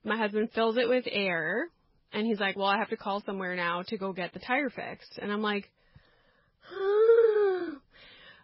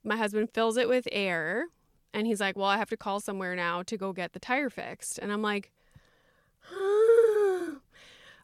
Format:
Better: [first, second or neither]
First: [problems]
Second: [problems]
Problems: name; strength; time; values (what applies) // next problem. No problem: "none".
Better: second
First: garbled, watery; badly; nothing above 5.5 kHz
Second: none